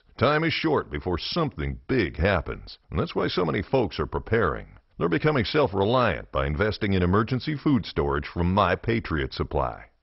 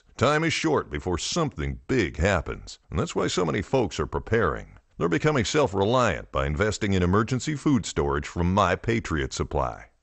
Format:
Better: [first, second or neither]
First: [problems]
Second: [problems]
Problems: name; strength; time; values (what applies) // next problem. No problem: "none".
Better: second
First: garbled, watery; badly; nothing above 5.5 kHz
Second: garbled, watery; slightly; nothing above 8 kHz